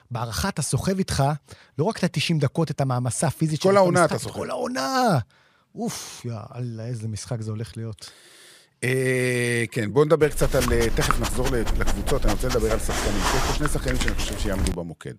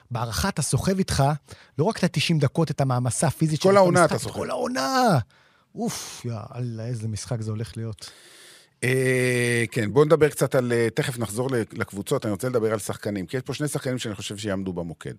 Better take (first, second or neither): second